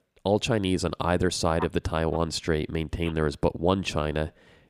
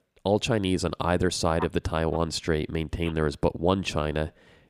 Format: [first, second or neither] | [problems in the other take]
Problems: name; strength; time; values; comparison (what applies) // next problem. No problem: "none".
neither | none